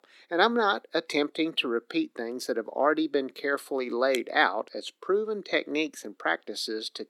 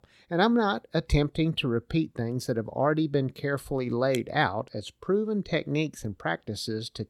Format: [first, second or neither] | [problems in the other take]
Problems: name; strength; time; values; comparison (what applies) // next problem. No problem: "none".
second | thin; somewhat; fading below 300 Hz